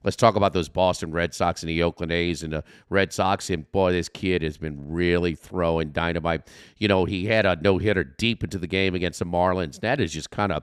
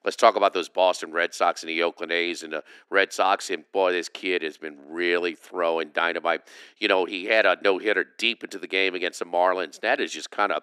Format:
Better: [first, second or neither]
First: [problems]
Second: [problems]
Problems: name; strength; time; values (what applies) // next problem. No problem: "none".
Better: first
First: none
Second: thin; somewhat; fading below 300 Hz